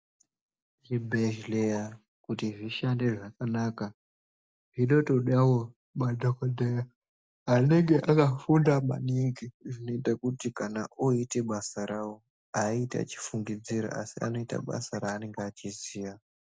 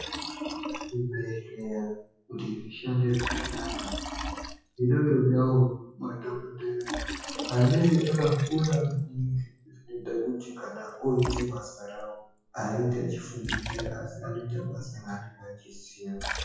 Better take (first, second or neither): first